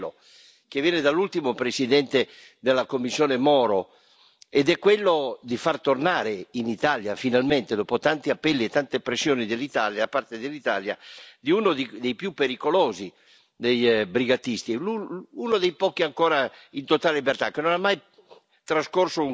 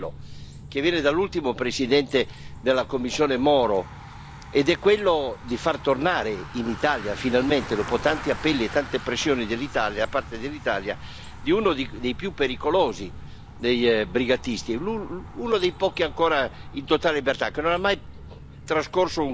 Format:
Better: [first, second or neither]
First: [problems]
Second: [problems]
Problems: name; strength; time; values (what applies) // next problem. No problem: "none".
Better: first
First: none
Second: background sound (Bicycle); 14 dB below the speech